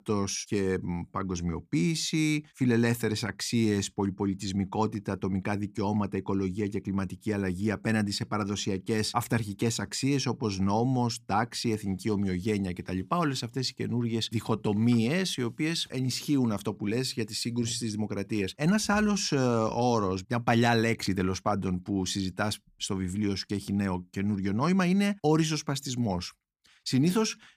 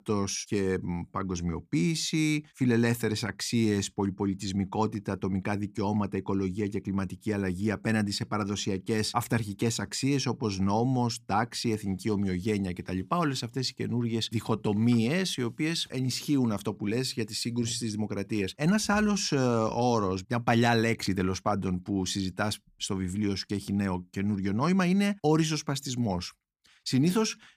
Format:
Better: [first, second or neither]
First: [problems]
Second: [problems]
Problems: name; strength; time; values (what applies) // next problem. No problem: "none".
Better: neither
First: none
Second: none